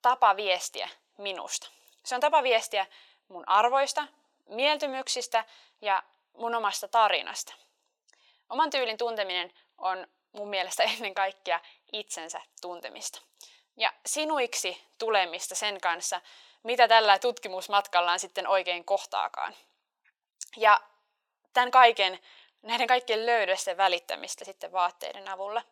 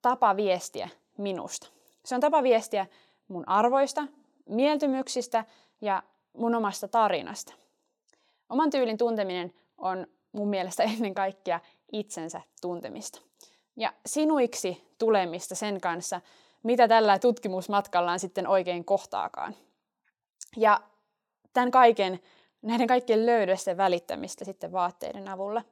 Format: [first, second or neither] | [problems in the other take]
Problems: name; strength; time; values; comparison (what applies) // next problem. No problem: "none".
second | thin; very; fading below 700 Hz